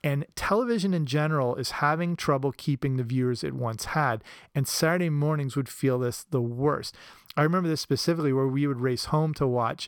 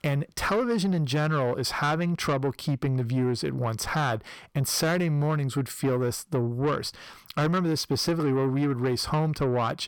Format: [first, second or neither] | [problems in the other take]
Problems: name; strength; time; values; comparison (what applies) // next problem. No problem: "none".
first | distortion; slight; 10 dB below the speech